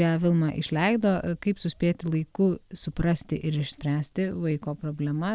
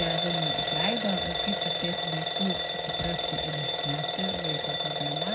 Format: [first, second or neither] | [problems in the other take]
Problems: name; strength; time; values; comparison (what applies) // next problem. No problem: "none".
first | background sound (Alarm / Bell); 5 dB above the speech // room echo; dies away in 0.3 s